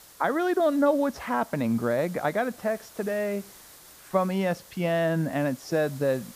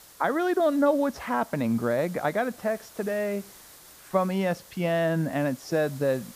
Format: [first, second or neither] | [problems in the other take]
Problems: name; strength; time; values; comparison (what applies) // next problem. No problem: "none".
neither | hiss; faint; throughout; 20 dB below the speech; the same in both